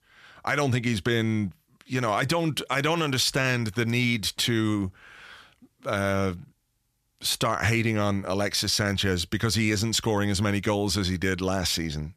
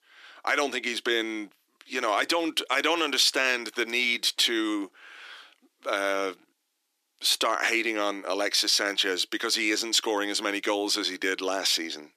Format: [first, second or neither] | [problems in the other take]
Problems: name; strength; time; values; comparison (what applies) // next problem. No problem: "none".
first | thin; very; fading below 300 Hz